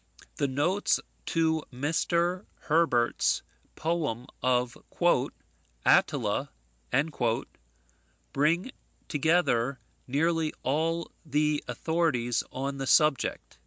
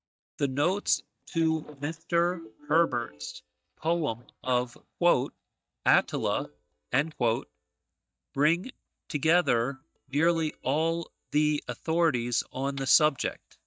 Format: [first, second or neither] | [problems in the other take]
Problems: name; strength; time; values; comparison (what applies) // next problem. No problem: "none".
first | noise reduction (neural mask model DeepFilterNet 3)